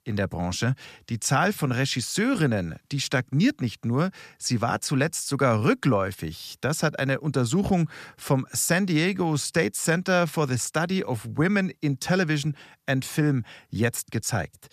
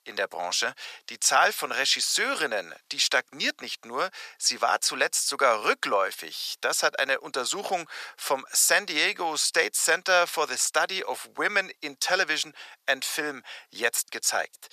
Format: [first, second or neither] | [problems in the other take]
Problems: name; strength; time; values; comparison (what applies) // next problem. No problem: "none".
first | thin; very; fading below 550 Hz